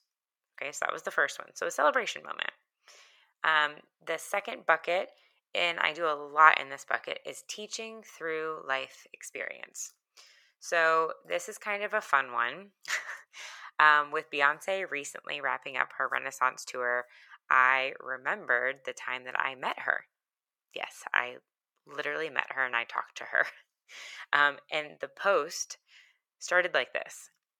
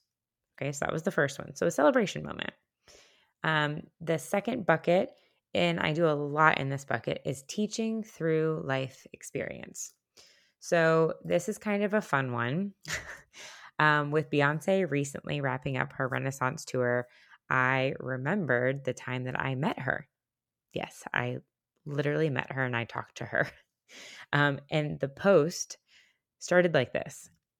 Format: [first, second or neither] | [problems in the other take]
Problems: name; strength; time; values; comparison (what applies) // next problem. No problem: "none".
second | thin; very; fading below 650 Hz